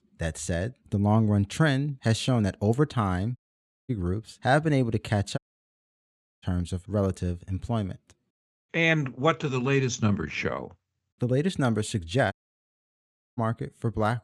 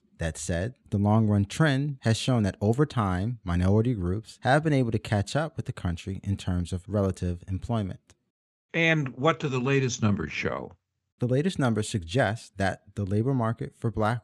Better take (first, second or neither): second